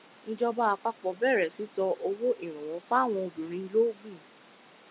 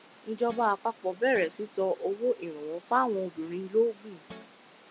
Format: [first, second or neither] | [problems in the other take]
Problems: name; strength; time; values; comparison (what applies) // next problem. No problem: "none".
first | background sound (Guitar); 19 dB below the speech